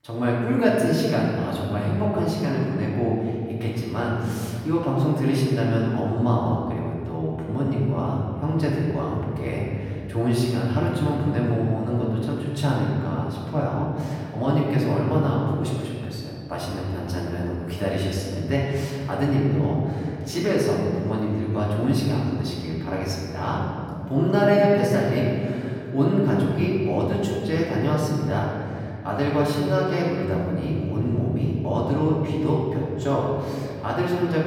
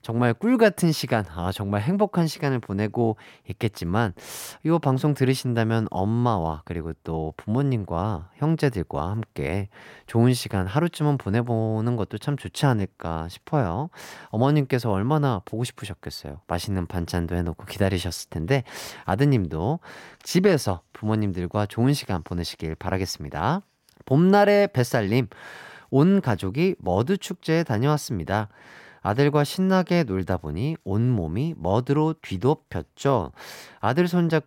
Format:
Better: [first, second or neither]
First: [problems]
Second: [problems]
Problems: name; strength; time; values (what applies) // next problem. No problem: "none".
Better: second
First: room echo; noticeable; dies away in 2.3 s // off-mic speech; far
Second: none